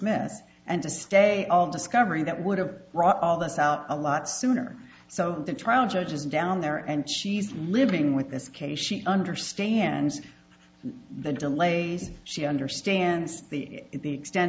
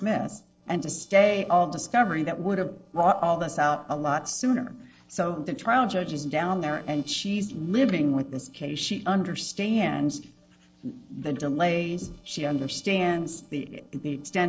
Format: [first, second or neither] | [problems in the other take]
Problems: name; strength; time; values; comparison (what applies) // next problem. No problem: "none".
first | noise reduction (neural separator model SepFormer DNS4)